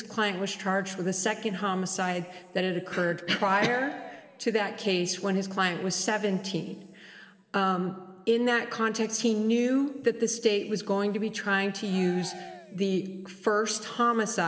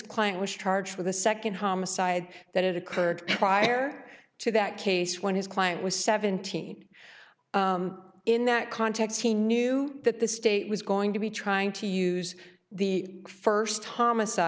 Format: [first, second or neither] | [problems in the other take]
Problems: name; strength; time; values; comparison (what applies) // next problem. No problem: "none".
second | background sound (Cheering); 17 dB below the speech // room echo; dies away in 1.5 s